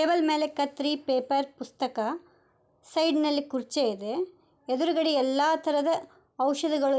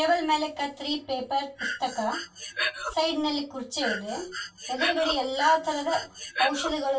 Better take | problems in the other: first | background sound (Breathing); 5 dB below the speech // room echo; dies away in 0.2 s

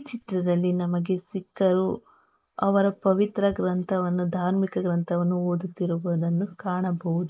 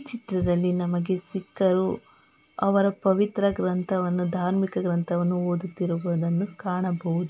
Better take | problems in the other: second | noise reduction (neural mask model Resemble Enhance denoiser)

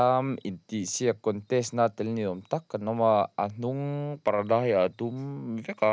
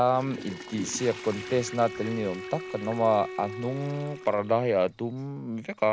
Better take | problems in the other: first | background sound (Bowed string instrument + Toilet flush / Water); 12 dB below the speech

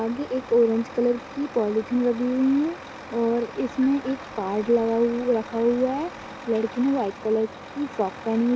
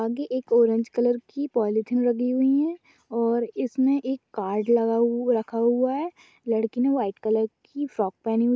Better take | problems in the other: second | background sound (Truck); 15 dB below the speech

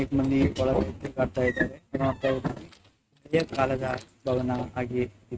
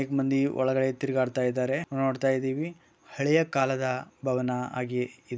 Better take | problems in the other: second | noise reduction (neural mask model RNNoise)

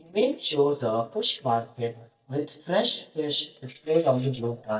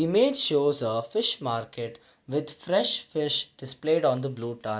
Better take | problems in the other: second | noise reduction (neural mask model DeepFilterNet 3)

